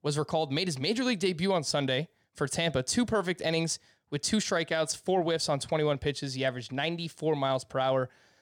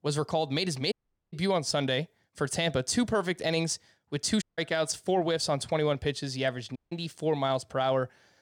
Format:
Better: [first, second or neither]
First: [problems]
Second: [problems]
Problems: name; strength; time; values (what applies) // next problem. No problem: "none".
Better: first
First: none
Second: audio cutting out; at 1 s, at 4.5 s and at 7 s